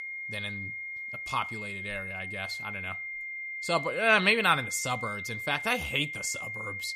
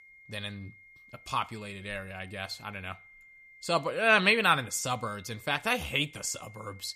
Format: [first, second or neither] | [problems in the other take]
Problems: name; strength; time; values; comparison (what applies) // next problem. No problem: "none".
second | high-pitched whine; loud; throughout; 2 kHz, 6 dB below the speech; faint in the second